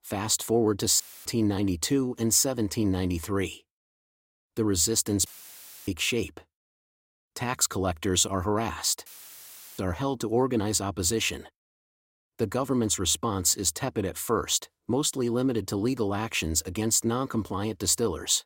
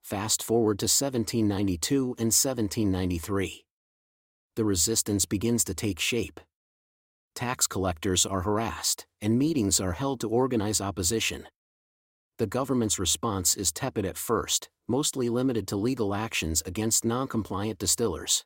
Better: second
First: audio cutting out; filled with static; at 1 s, at 5.5 s for 0.5 s and at 9 s for 0.5 s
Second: none

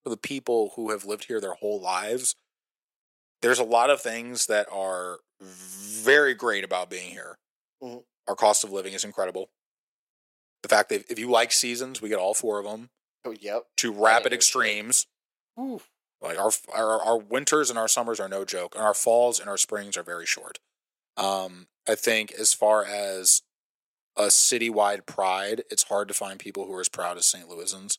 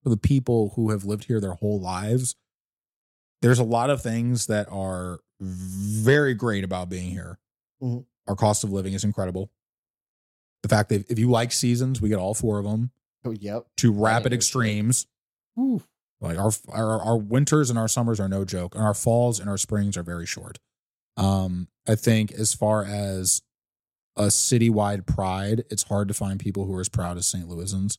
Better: second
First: thin; very; fading below 450 Hz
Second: none

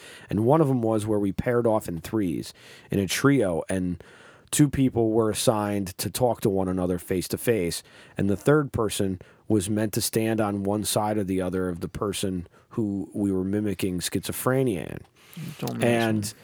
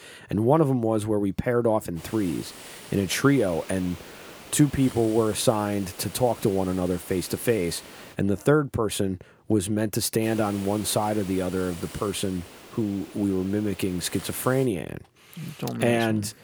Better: first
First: none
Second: hiss; noticeable; from 2 to 8 s and from 10 to 15 s; 15 dB below the speech

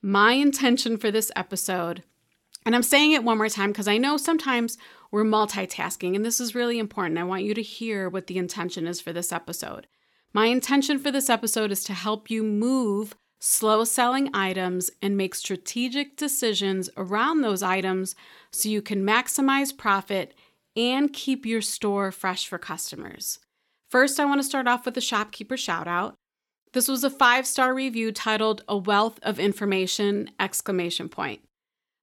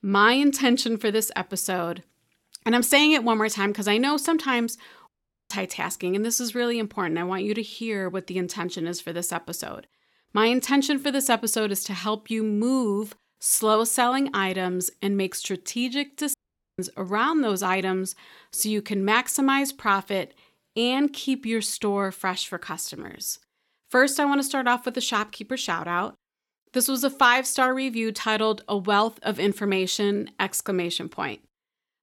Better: first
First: none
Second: audio cutting out; at 5 s and at 16 s

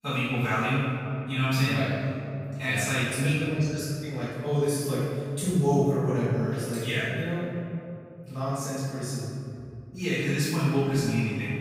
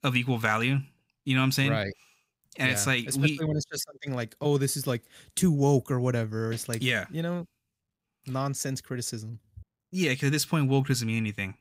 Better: second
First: off-mic speech; far // room echo; strong; dies away in 2.5 s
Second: none

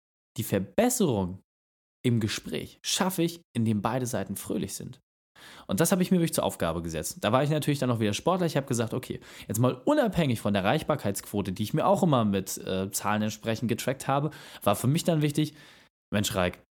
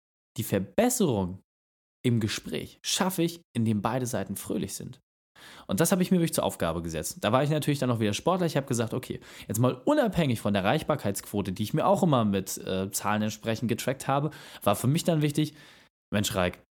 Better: neither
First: none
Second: none

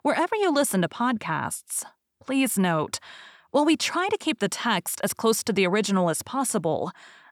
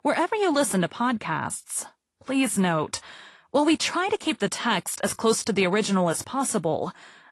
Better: first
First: none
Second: garbled, watery; slightly; nothing above 11.5 kHz

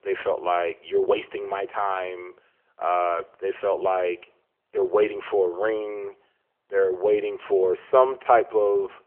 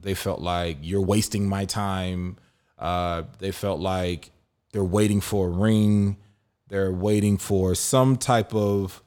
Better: second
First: phone-call audio; nothing above 3 kHz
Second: none

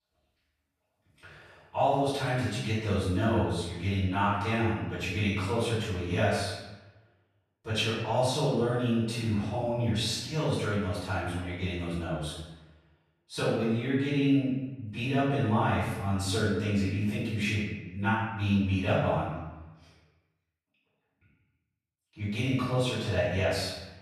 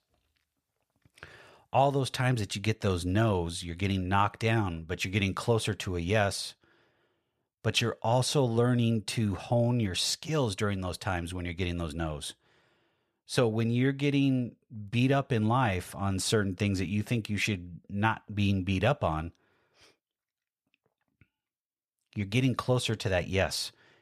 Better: second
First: off-mic speech; far // room echo; strong; dies away in 1 s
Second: none

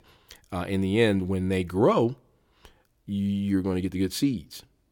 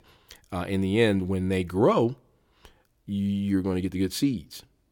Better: neither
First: none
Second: none

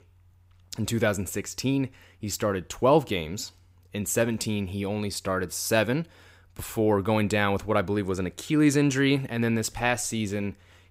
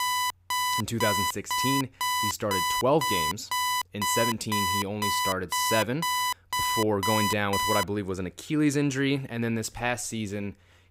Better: first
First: none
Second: alarm; loud; until 8 s; peak 3 dB above the speech

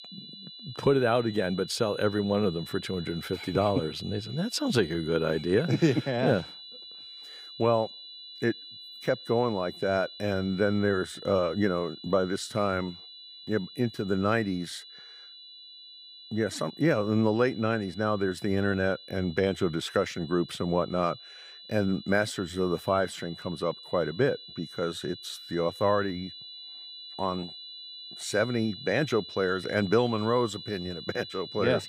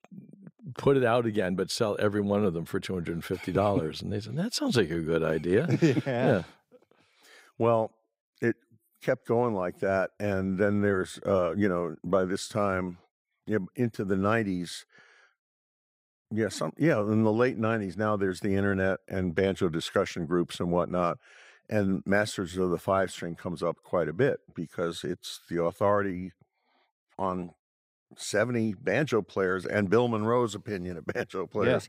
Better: second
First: high-pitched whine; noticeable; throughout; 4 kHz, 15 dB below the speech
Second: none

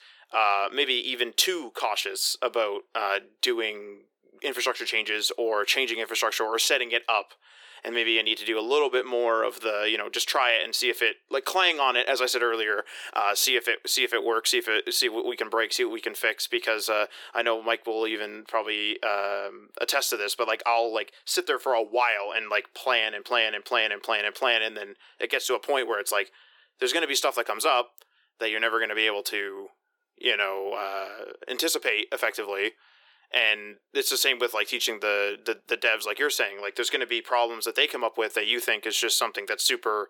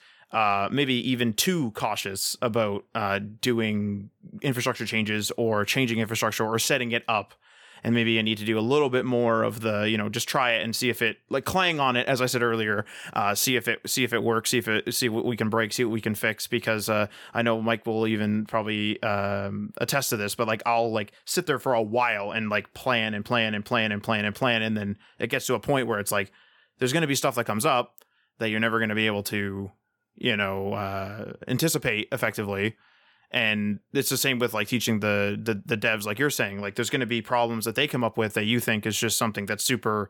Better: second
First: thin; very; fading below 350 Hz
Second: none

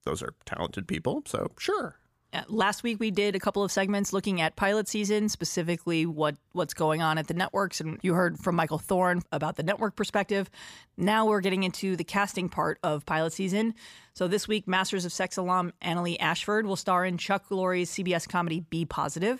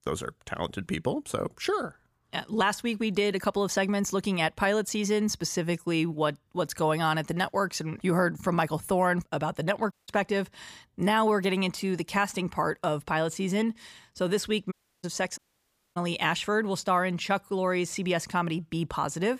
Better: first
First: none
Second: audio cutting out; at 10 s and at 15 s for 0.5 s

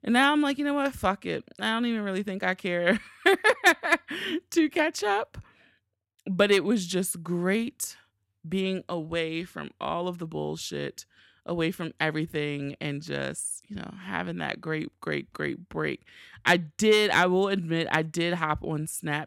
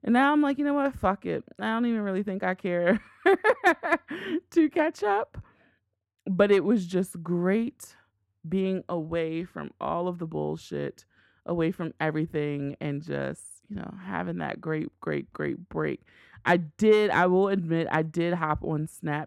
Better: first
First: none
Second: muffled; slightly; fading above 2 kHz

